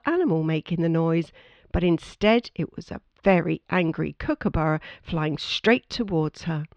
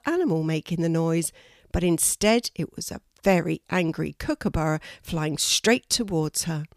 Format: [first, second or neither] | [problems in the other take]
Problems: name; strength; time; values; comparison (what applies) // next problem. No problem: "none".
second | muffled; slightly; fading above 3.5 kHz